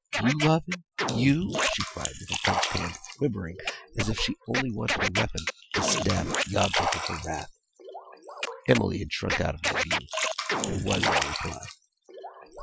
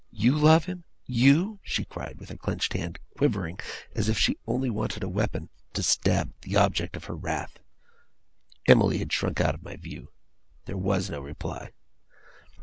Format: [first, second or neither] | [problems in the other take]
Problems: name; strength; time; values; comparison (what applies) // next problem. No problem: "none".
second | noise reduction (classical method Wiener filter)